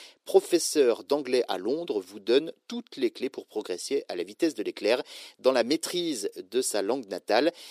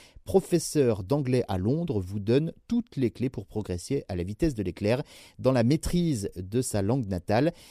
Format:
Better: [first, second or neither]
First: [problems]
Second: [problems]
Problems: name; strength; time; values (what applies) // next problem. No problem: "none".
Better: second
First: thin; somewhat; fading below 350 Hz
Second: none